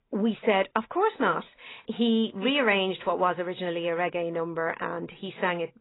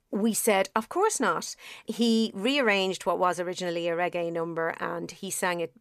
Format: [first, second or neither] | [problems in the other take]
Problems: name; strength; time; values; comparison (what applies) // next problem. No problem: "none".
second | garbled, watery; badly; nothing above 3 kHz